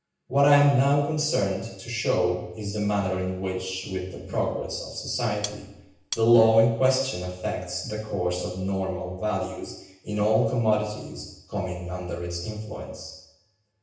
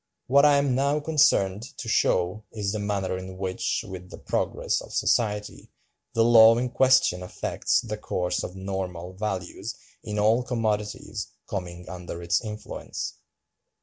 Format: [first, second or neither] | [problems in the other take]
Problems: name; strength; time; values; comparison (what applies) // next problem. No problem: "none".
second | background sound (Cutlery, silverware); 14 dB below the speech // room echo; dies away in 0.9 s